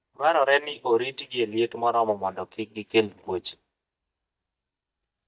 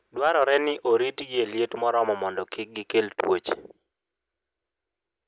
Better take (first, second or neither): second